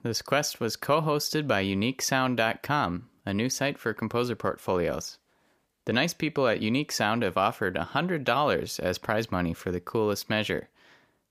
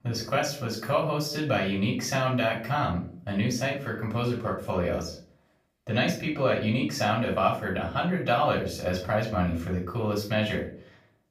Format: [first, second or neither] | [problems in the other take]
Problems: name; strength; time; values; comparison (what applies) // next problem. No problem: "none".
first | room echo; slight; dies away in 0.4 s // off-mic speech; far